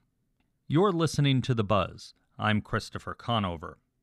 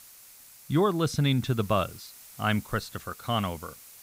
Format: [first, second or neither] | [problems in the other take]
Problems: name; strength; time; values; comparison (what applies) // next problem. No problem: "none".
first | hiss; noticeable; throughout; 20 dB below the speech